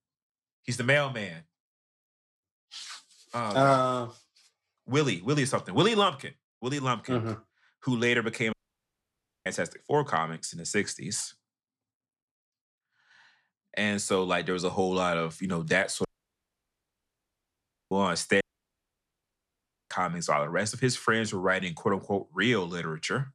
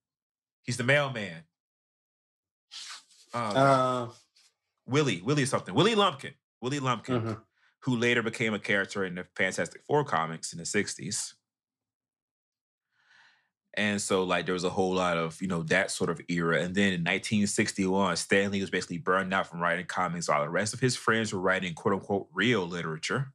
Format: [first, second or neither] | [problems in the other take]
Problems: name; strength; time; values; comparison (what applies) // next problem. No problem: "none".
second | audio cutting out; at 8.5 s for 1 s, at 16 s for 2 s and at 18 s for 1.5 s